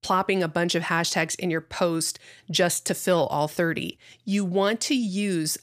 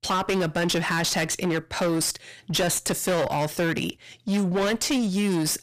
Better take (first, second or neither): first